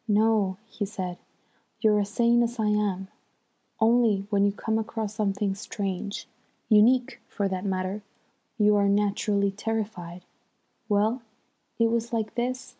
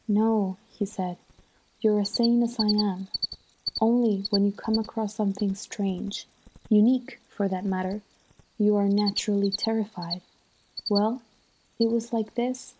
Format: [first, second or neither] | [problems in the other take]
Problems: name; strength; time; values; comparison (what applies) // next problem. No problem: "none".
first | noise reduction (neural mask model Resemble Enhance denoiser)